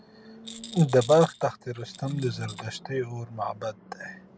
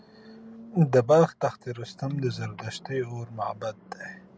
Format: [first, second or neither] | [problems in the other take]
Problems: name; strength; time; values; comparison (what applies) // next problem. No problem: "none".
second | background sound (Rattle); 18 dB below the speech